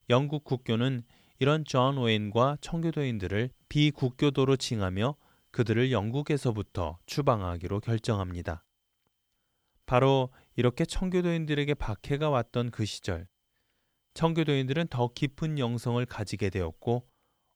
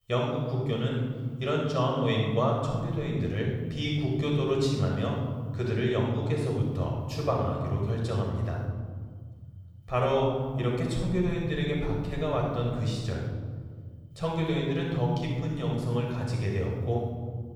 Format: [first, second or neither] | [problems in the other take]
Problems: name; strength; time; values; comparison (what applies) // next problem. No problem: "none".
first | off-mic speech; far // room echo; noticeable; dies away in 2.6 s